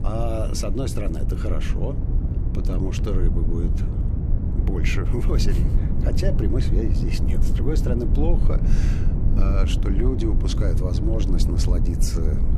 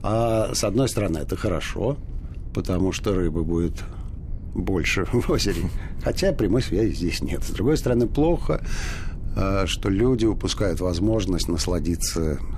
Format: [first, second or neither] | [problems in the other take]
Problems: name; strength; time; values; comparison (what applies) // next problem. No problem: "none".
second | low rumble; loud; throughout; 4 dB below the speech; faint in the second